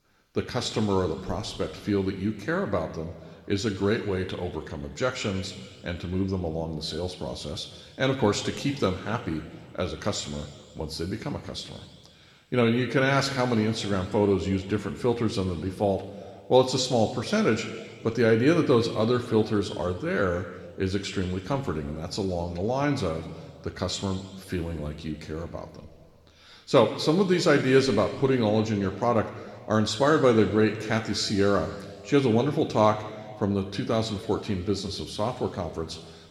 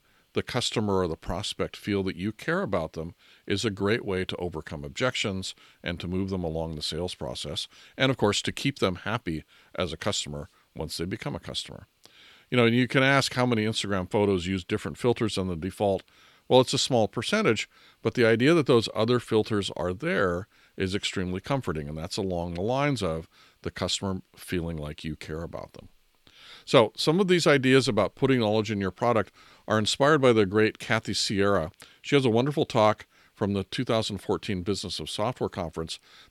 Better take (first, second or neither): second